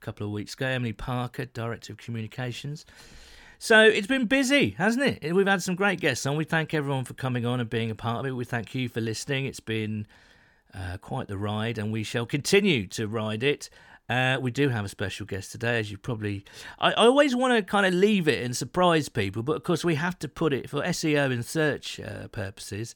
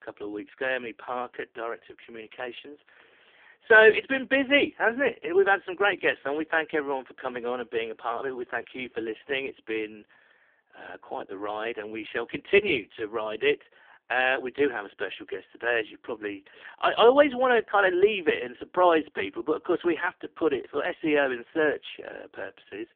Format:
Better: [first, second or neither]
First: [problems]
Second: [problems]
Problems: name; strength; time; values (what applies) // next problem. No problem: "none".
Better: first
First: none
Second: phone-call audio; poor line; nothing above 3.5 kHz